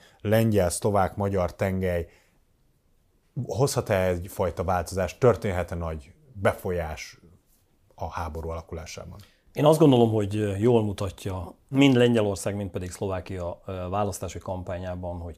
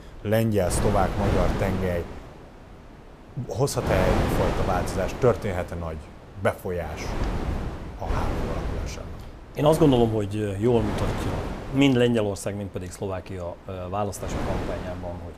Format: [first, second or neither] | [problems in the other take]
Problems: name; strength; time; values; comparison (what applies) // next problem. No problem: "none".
first | wind noise on the microphone; heavy; 6 dB below the speech